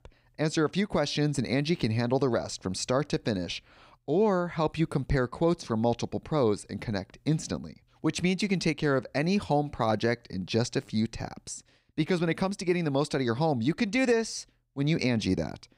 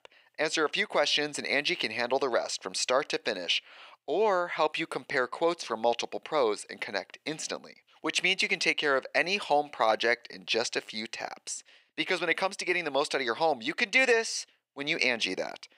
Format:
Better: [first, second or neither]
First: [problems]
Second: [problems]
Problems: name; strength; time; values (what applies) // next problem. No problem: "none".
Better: first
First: none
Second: thin; very; fading below 600 Hz